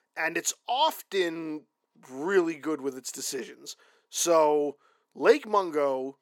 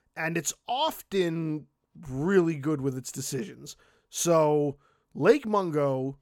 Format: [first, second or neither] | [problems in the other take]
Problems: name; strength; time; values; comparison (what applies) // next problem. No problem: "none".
second | thin; somewhat; fading below 300 Hz